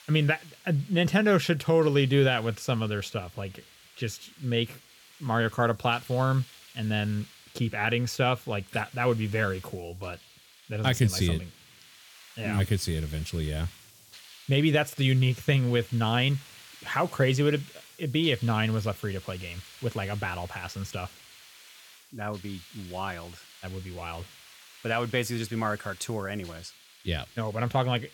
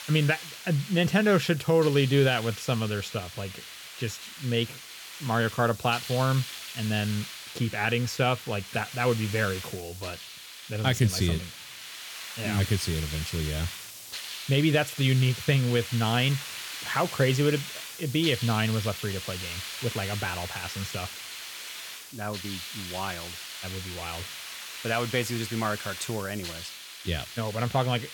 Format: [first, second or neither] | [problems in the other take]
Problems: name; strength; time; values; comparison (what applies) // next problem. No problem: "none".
first | hiss; loud; throughout; 9 dB below the speech; faint in the first